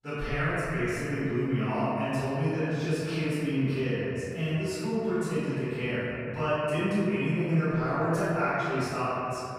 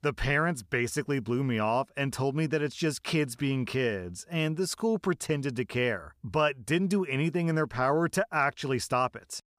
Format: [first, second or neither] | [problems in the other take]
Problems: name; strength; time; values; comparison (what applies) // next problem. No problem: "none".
second | off-mic speech; far // room echo; strong; dies away in 2.5 s